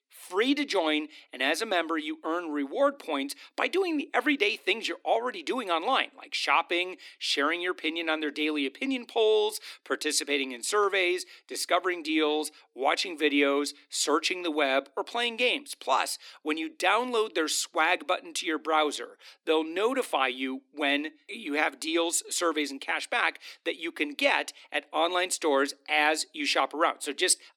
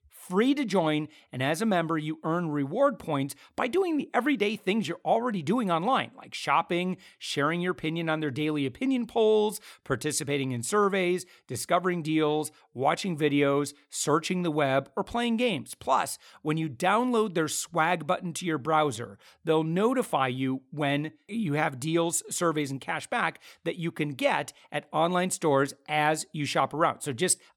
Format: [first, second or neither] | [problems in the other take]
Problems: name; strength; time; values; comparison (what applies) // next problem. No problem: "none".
second | thin; very slightly; fading below 300 Hz